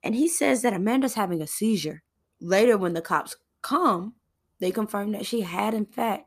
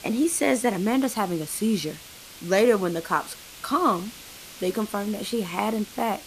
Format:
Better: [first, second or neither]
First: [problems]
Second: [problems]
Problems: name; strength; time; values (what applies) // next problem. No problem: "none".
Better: first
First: none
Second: hiss; noticeable; throughout; 15 dB below the speech